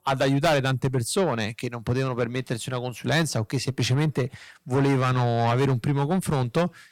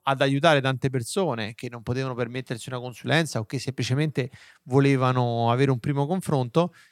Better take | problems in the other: second | distortion; heavy; 7 dB below the speech

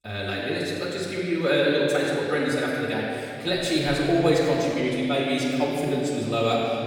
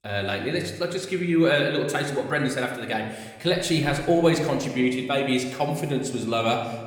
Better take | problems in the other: second | room echo; strong; dies away in 2.4 s; slight in the second // off-mic speech; far; somewhat distant in the second

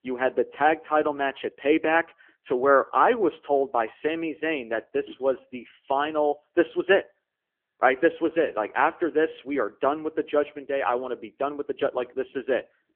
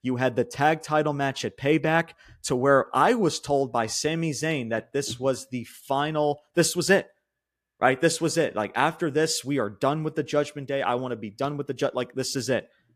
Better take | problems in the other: second | phone-call audio; poor line; nothing above 3 kHz

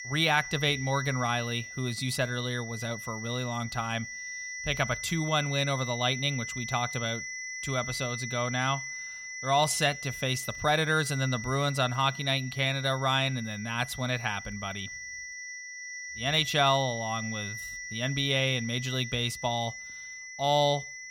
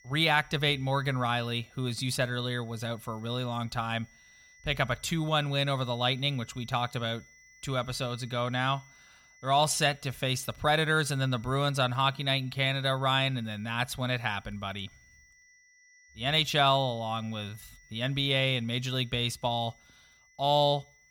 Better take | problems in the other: second | high-pitched whine; loud; throughout; 2 kHz, 8 dB below the speech; faint in the second

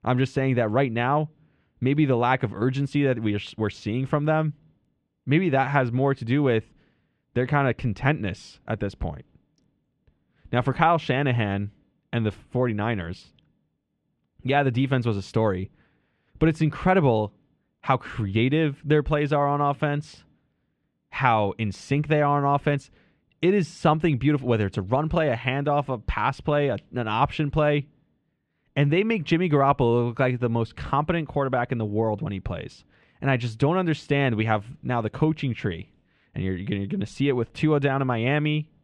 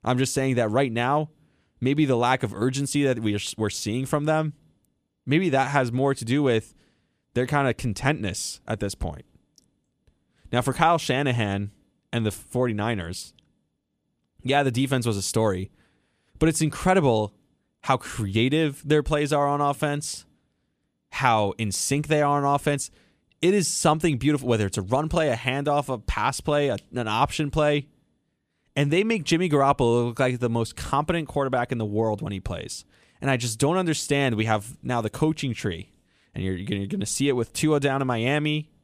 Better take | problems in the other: second | muffled; slightly; fading above 2.5 kHz

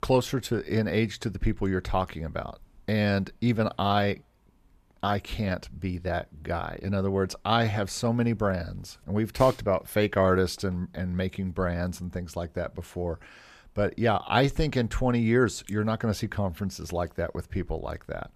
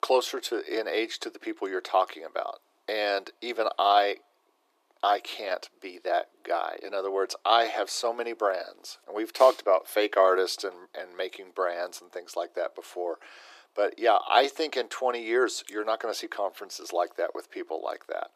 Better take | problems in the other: first | thin; very; fading below 300 Hz

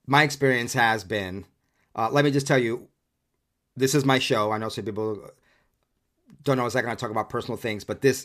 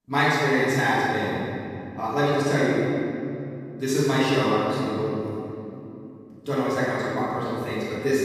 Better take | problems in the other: first | off-mic speech; far // room echo; strong; dies away in 2.7 s

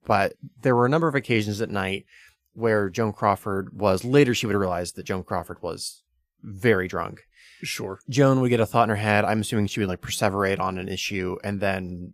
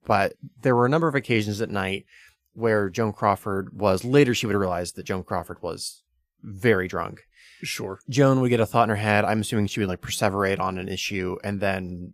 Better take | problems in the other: neither | none

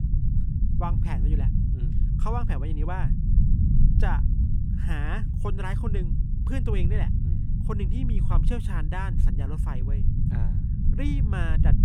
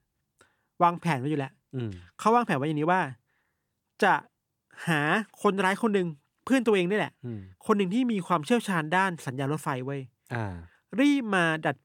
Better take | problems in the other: second | low rumble; loud; throughout; 4 dB below the speech

